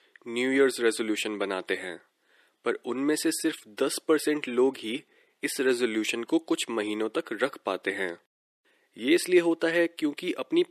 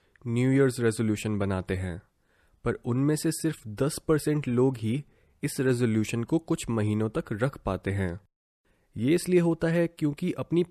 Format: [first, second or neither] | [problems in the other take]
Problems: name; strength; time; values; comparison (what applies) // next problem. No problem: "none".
second | thin; somewhat; fading below 300 Hz